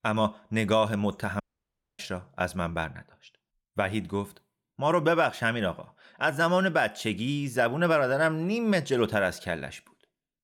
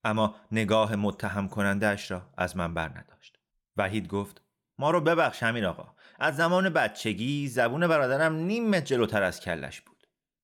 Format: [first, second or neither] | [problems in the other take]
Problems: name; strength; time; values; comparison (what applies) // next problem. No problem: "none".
second | audio cutting out; at 1.5 s for 0.5 s